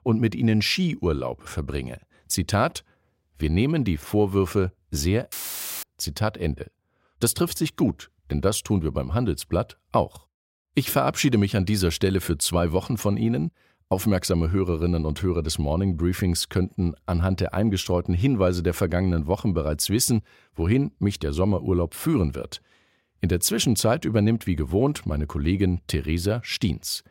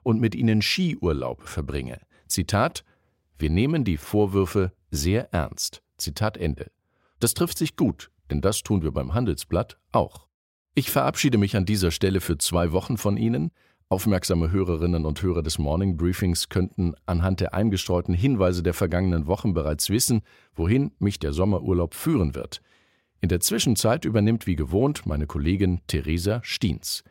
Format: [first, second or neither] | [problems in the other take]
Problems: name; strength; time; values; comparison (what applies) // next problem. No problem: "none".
second | audio cutting out; filled with static; at 5.5 s for 0.5 s